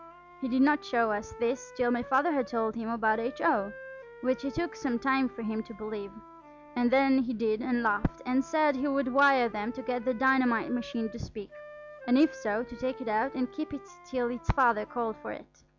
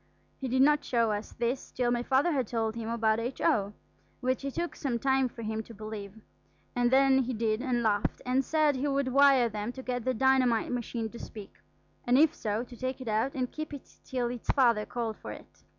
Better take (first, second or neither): second